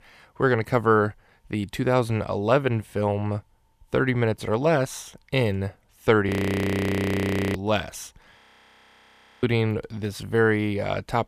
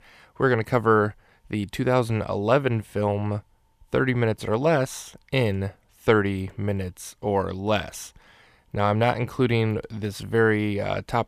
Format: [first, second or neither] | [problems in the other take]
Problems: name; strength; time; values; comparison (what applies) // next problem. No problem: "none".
second | audio freezing; at 6.5 s for 1.5 s and at 8.5 s for 1 s